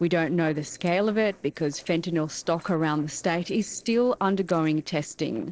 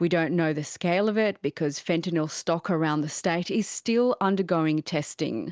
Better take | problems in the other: second | noise reduction (neural separator model SepFormer DNS4)

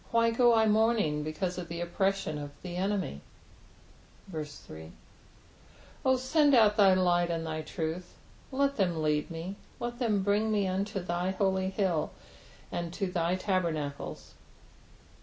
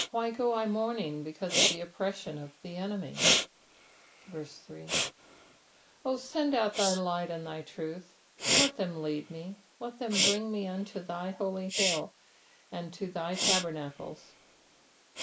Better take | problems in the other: first | noise reduction (neural mask model Resemble Enhance denoiser)

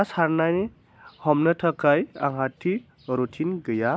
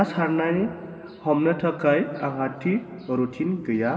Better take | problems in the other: first | room echo; dies away in 2.1 s

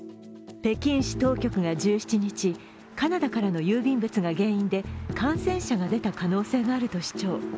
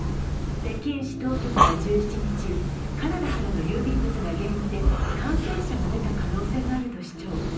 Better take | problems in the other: first | background sound (Breathing); 3 dB above the speech // room echo; dies away in 0.6 s

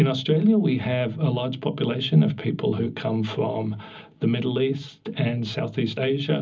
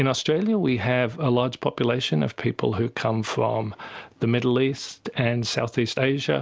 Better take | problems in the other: second | room echo; dies away in 0.4 s

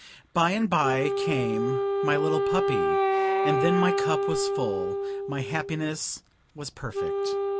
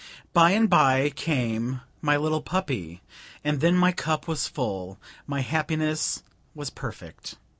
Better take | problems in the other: second | background sound (Wind instrument, woodwind instrument); 2 dB above the speech

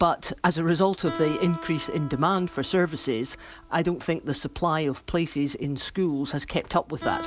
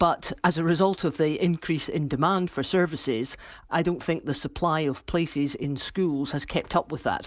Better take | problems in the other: second | background sound (Guitar); 16 dB below the speech

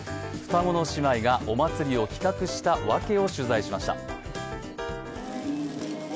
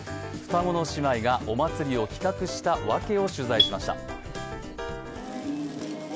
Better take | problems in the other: first | background sound (Marimba, xylophone); 3 dB below the speech

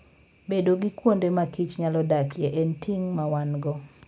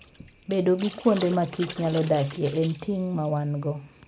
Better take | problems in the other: first | background sound (Water / Splash, splatter); 17 dB below the speech

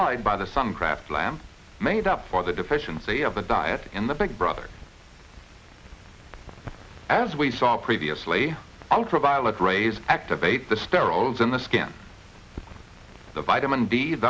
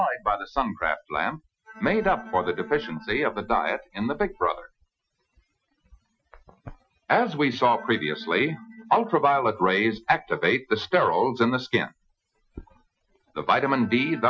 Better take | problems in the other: first | noise reduction (classical method Wiener filter)

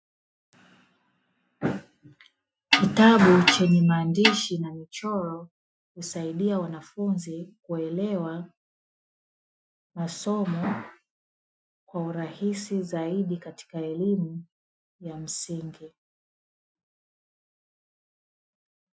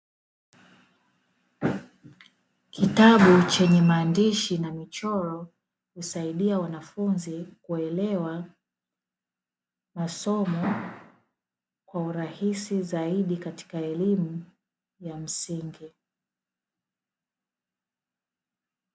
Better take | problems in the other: second | noise reduction (classical method Wiener filter)

